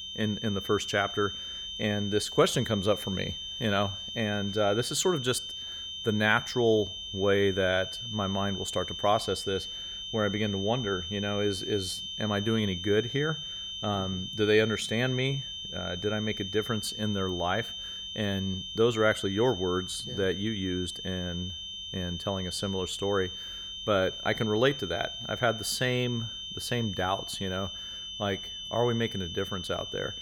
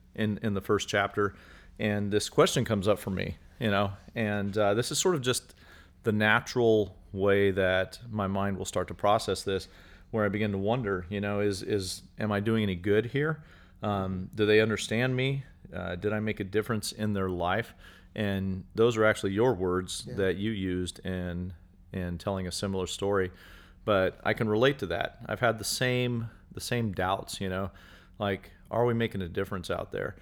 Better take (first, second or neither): second